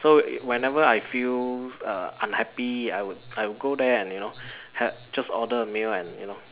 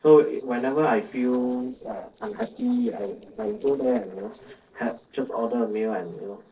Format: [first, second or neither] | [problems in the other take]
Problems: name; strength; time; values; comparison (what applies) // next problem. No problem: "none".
first | noise reduction (neural separator model SepFormer DNS4)